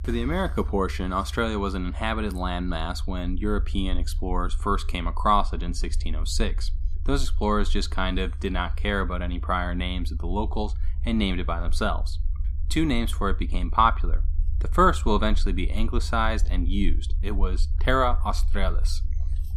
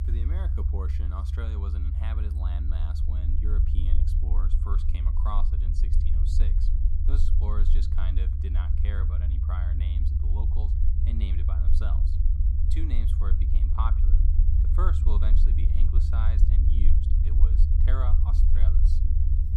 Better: first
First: low rumble; faint; throughout; 25 dB below the speech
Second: low rumble; loud; throughout; 2 dB below the speech

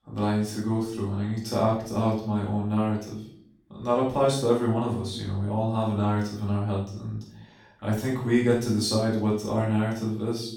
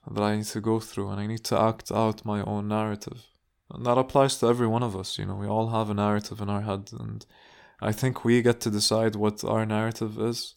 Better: second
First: off-mic speech; far // room echo; noticeable; dies away in 0.6 s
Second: none

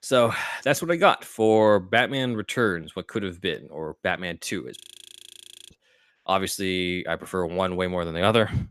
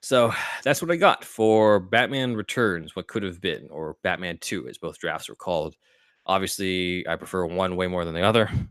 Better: second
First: audio freezing; at 5 s for 1 s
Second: none

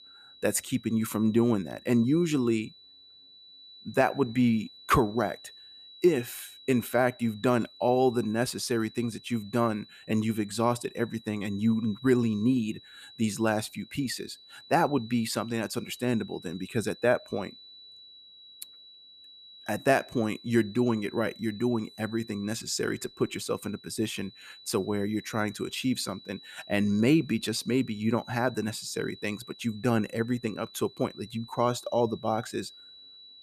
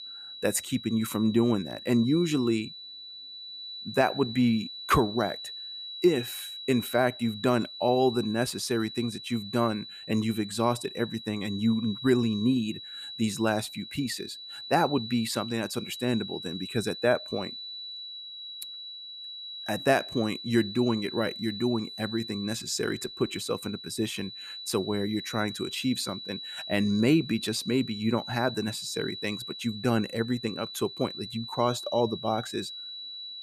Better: first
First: high-pitched whine; faint; throughout; 4 kHz, 20 dB below the speech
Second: high-pitched whine; loud; throughout; 4 kHz, 10 dB below the speech

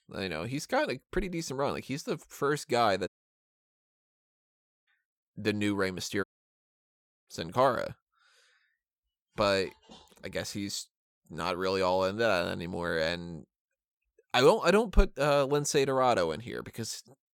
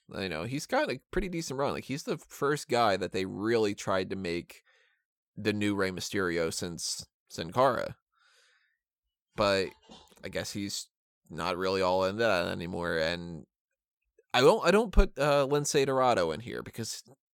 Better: second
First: audio cutting out; at 3 s for 2 s and at 6 s for 1 s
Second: none

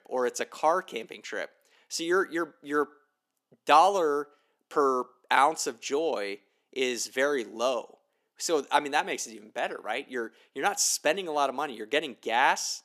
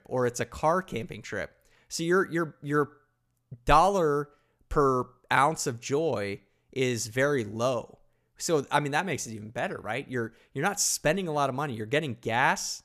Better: second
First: thin; somewhat; fading below 250 Hz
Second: none

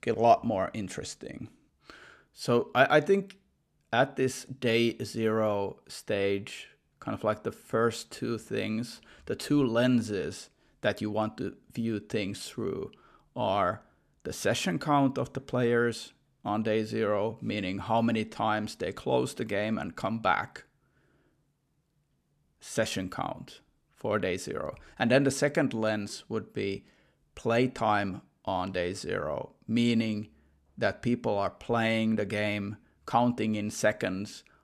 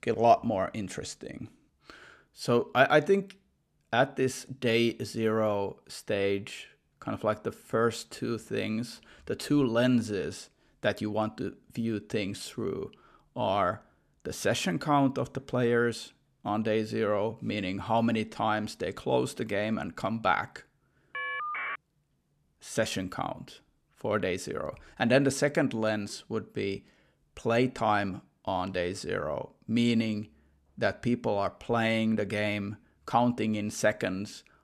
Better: first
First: none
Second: phone ringing; noticeable; at 21 s; peak 3 dB below the speech

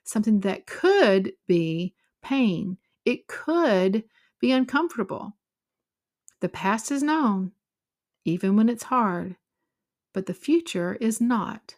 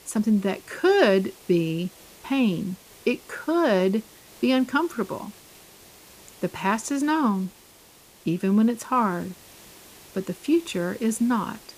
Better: first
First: none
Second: hiss; faint; throughout; 25 dB below the speech

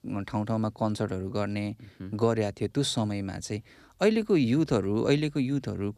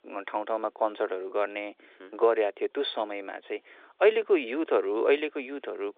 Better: first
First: none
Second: phone-call audio; nothing above 3.5 kHz

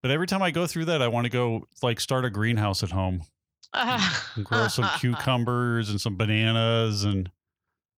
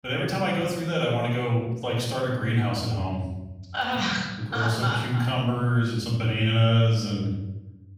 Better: first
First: none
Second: off-mic speech; far // room echo; noticeable; dies away in 0.9 s

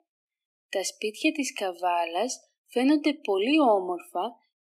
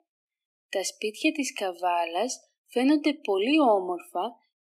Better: neither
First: thin; very slightly; fading below 250 Hz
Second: thin; very slightly; fading below 250 Hz

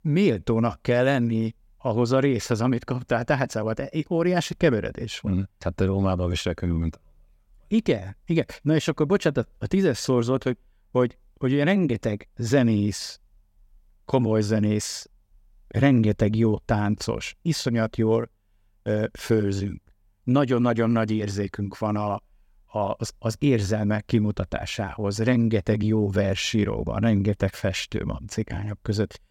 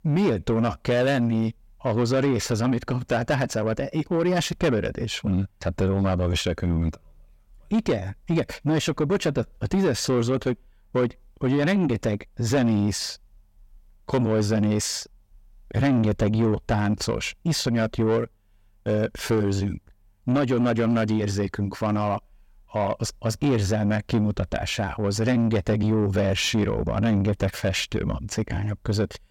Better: first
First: none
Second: distortion; slight; 10 dB below the speech

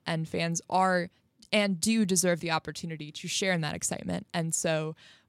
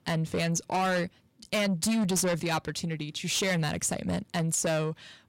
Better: first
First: none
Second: distortion; heavy; 8 dB below the speech

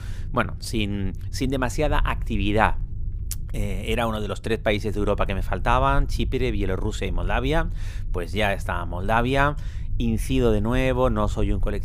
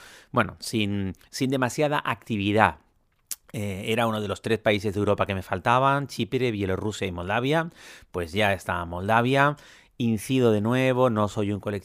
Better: second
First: low rumble; faint; throughout; 25 dB below the speech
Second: none

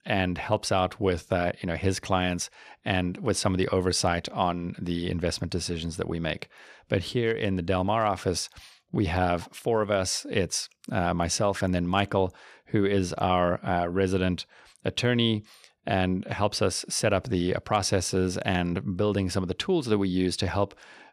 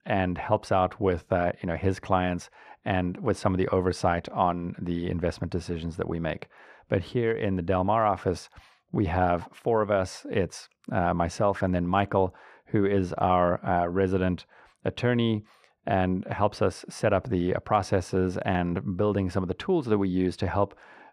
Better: first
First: none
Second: muffled; slightly; fading above 2.5 kHz

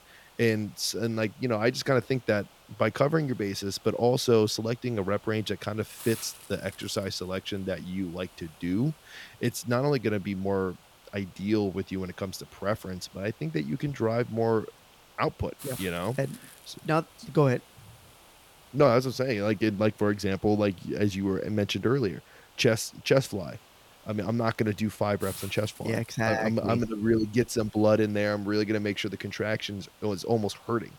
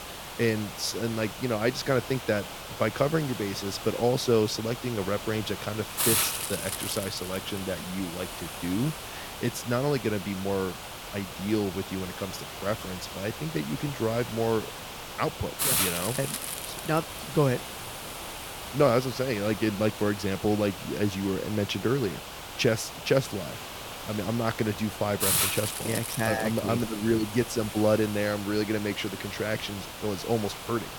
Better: first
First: hiss; faint; throughout; 20 dB below the speech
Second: hiss; loud; throughout; 5 dB below the speech

